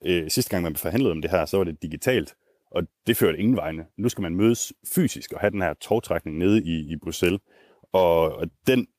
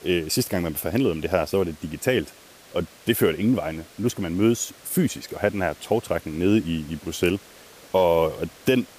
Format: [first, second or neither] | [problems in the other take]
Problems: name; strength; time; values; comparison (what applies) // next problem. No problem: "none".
first | hiss; faint; throughout; 20 dB below the speech